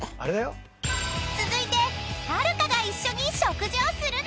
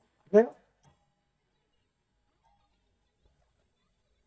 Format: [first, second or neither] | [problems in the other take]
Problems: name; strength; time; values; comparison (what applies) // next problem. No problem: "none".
first | noise reduction (neural mask model DeepFilterNet 3)